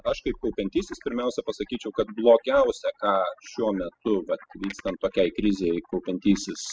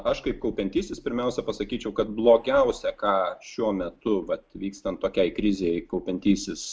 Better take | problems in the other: second | noise reduction (classical method spectral subtraction)

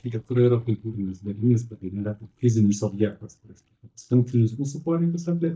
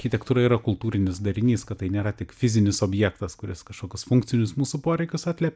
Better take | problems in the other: second | noise reduction (neural mask model DeepFilterNet 3)

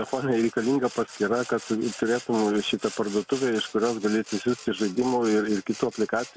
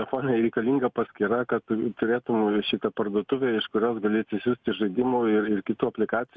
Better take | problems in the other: second | background sound (Sawing); 17 dB below the speech

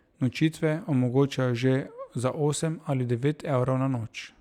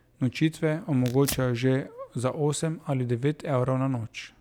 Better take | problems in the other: first | background sound (Tearing); 18 dB below the speech

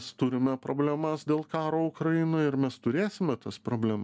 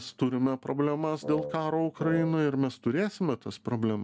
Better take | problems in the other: first | background sound (Wind instrument, woodwind instrument); 10 dB below the speech

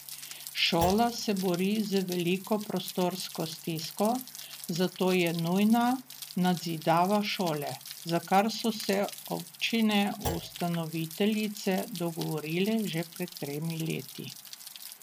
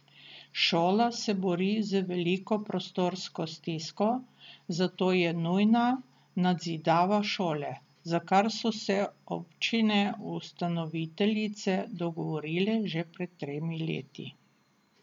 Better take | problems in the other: second | background sound (Thump, thud + Rain); 13 dB below the speech

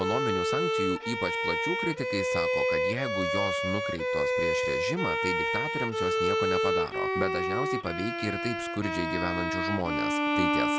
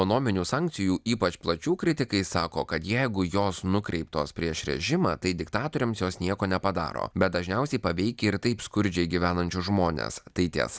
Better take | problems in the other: second | background sound (Bowed string instrument); 5 dB above the speech

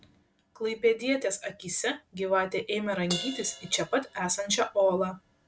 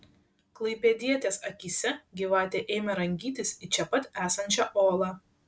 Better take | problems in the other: second | background sound (Crash cymbal); 16 dB below the speech

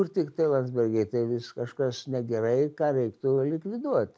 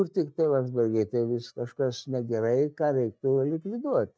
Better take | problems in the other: first | noise reduction (neural mask model DeepFilterNet 3)

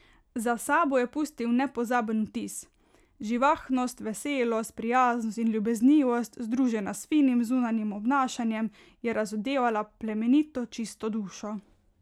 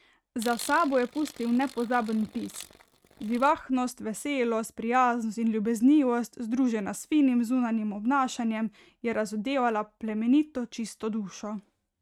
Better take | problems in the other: first | noise reduction (neural mask model RNNoise)

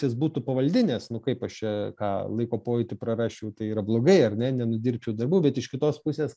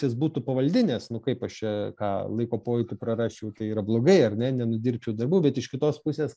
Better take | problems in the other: first | noise reduction (neural mask model Resemble Enhance denoiser)

